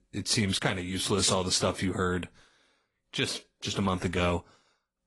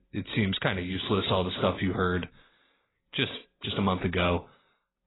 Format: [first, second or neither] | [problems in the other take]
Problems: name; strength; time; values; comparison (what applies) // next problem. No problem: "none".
first | garbled, watery; badly; nothing above 4 kHz; slightly in the first